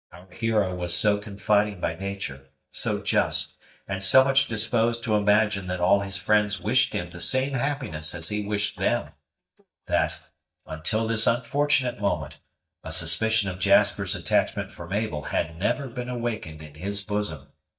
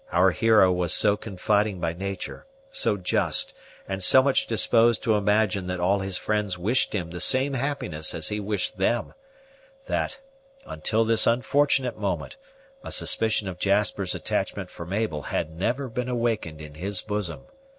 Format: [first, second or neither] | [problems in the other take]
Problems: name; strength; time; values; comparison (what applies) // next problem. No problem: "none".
second | noise reduction (neural mask model DeepFilterNet 3)